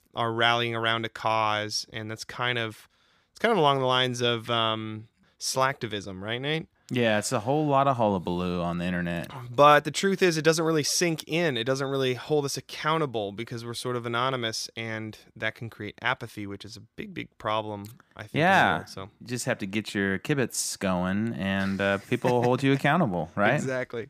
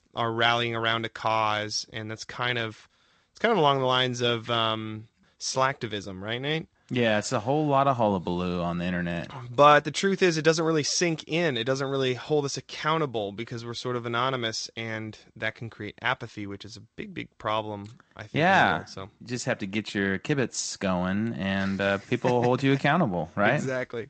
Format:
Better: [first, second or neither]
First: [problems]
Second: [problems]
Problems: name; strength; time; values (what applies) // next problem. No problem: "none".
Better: first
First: none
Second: garbled, watery; slightly; nothing above 8 kHz